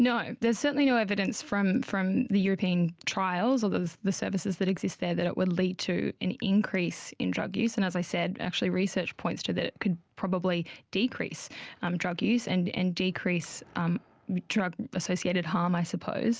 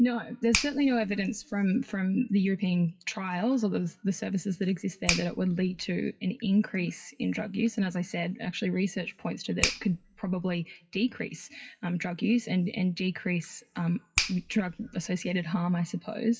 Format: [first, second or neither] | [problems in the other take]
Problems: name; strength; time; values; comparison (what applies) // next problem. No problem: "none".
first | noise reduction (classical method WPE with log-MMSE)